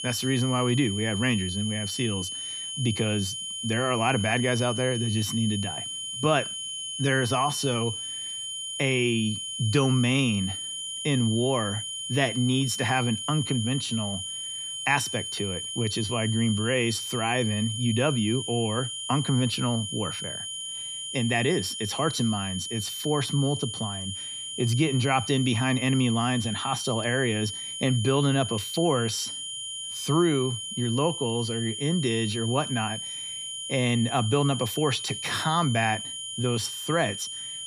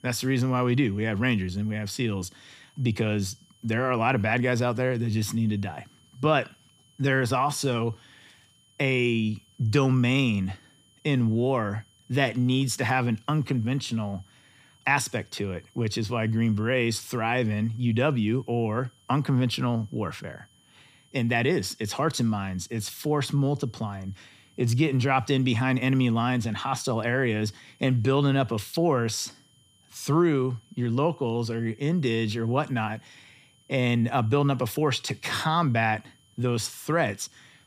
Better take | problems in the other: second | high-pitched whine; loud; throughout; 3 kHz, 5 dB below the speech; faint in the second

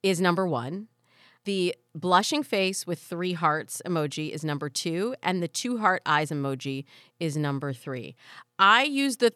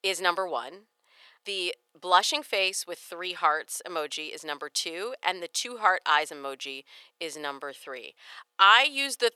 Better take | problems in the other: first | thin; very; fading below 500 Hz

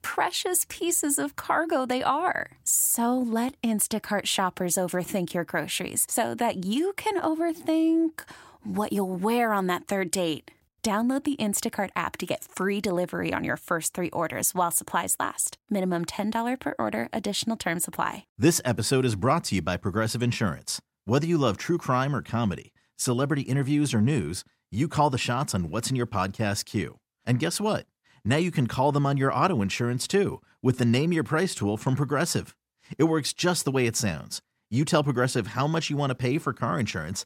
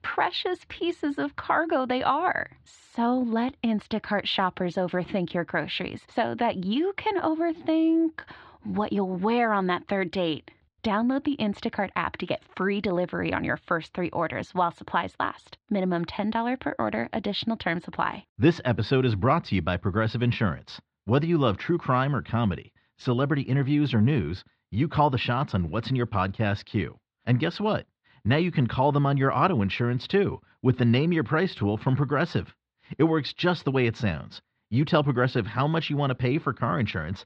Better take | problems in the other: first | muffled; slightly; fading above 4 kHz

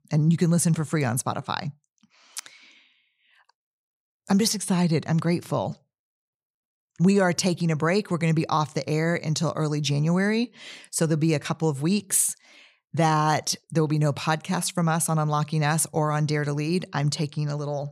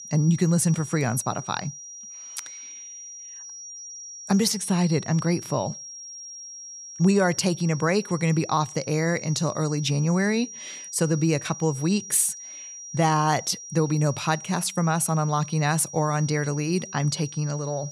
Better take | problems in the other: first | high-pitched whine; noticeable; throughout; 5.5 kHz, 15 dB below the speech

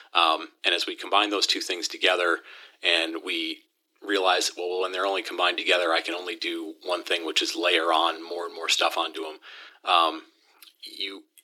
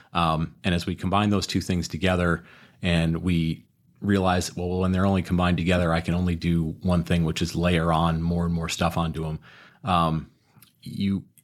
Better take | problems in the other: second | thin; very; fading below 300 Hz

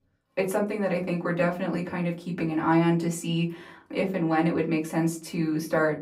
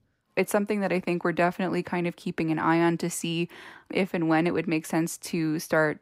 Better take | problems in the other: second | off-mic speech; far // room echo; very slight; dies away in 0.3 s

